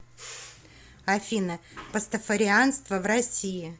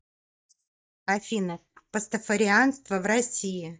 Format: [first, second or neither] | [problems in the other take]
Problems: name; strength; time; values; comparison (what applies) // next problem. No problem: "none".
first | noise reduction (neural mask model DeepFilterNet 3)